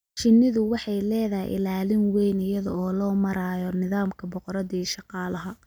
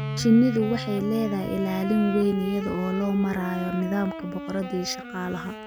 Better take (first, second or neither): first